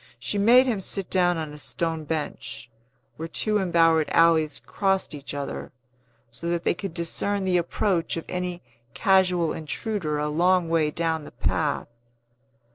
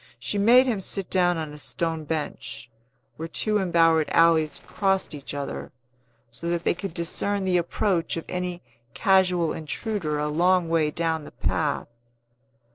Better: first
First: none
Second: noise reduction (neural separator model SepFormer DNS4)

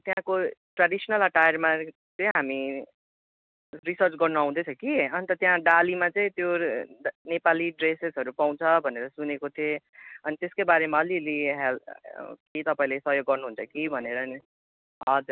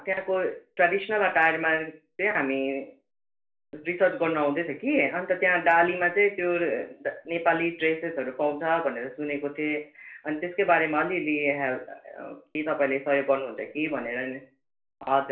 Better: first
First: none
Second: room echo; dies away in 0.3 s

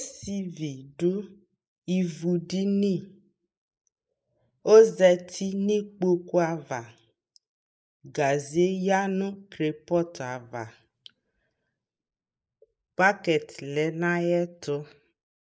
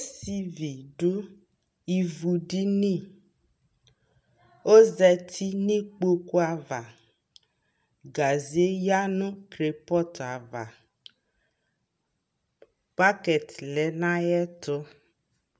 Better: second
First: noise reduction (neural mask model Resemble Enhance denoiser)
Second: none

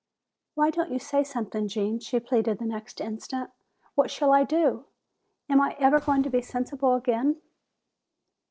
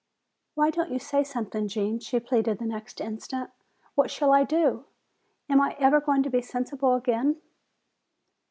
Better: second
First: noise reduction (neural separator model SepFormer DNS4)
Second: none

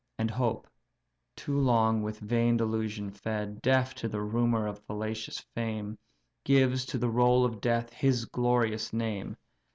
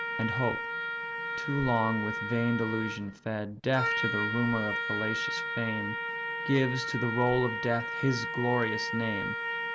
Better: first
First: none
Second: background sound (Trumpet); 2 dB below the speech

